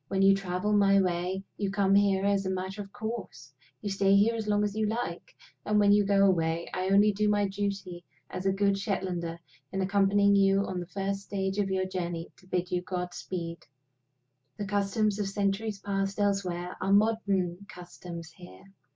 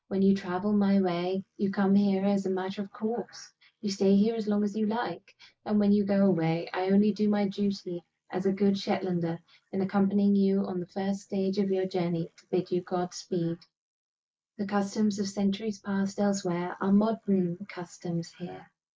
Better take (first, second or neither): first